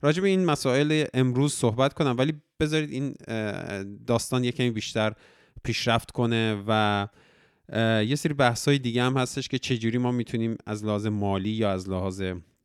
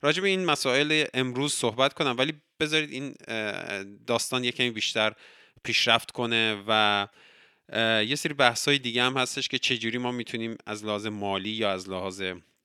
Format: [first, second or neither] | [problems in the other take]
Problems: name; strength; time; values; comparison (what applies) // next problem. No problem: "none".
first | thin; very slightly; fading below 500 Hz